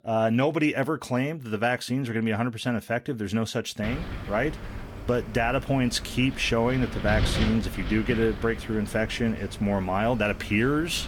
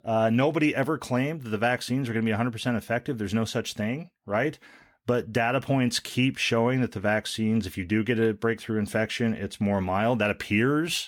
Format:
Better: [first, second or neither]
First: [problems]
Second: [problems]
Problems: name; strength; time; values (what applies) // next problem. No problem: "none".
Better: second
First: wind noise on the microphone; occasional gusts; from 4 s on; 10 dB below the speech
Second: none